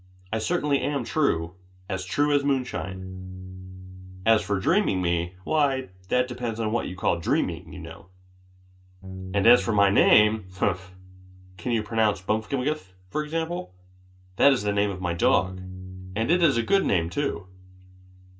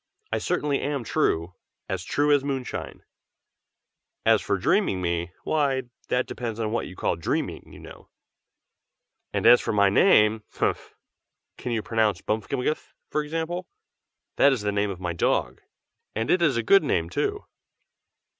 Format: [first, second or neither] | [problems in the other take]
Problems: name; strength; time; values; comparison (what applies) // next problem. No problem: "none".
second | background sound (Bass guitar); 14 dB below the speech // room echo; dies away in 0.2 s